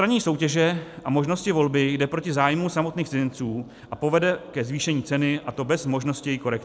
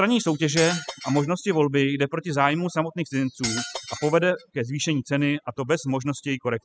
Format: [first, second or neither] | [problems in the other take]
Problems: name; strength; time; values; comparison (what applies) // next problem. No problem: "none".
first | noise reduction (classical method spectral subtraction)